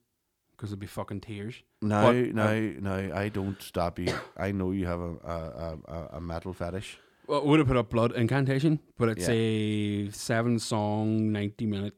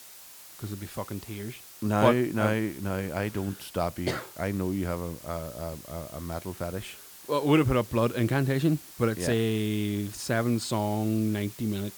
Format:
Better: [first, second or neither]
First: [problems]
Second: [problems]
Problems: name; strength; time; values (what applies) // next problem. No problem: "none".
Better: first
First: none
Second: hiss; noticeable; throughout; 15 dB below the speech